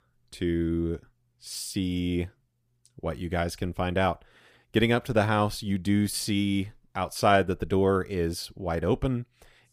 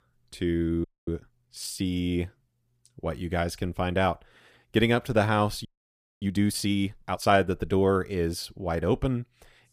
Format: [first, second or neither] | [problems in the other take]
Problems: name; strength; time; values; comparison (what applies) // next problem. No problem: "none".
first | audio freezing; at 1 s and at 5.5 s for 0.5 s